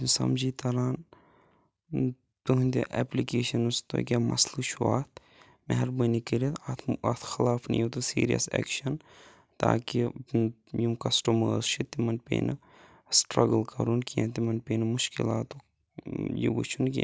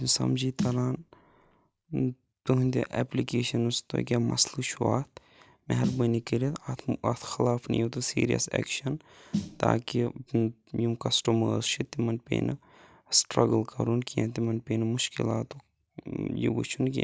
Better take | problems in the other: first | background sound (Snare drum); 11 dB below the speech

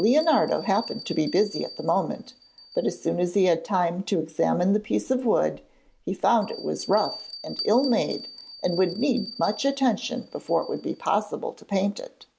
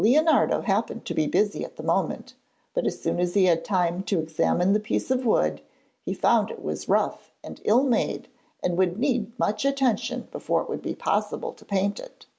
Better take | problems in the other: second | background sound (Bell); 17 dB below the speech

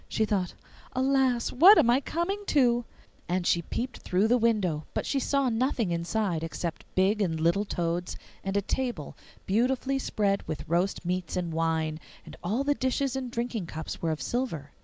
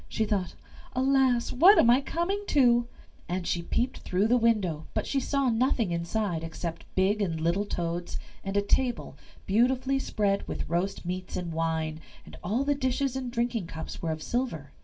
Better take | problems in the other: first | room echo; dies away in 0.1 s

